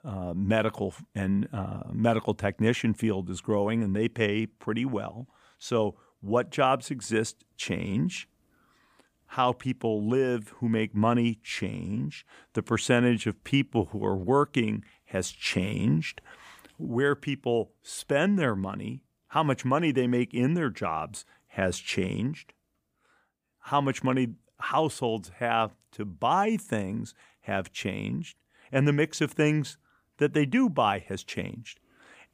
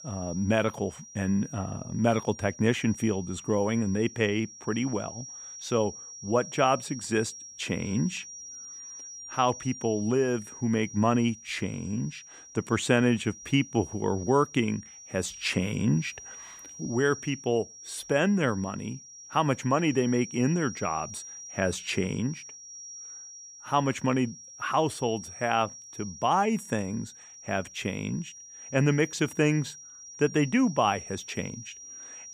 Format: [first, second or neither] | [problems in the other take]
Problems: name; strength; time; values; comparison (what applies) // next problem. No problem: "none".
first | high-pitched whine; noticeable; throughout; 5.5 kHz, 15 dB below the speech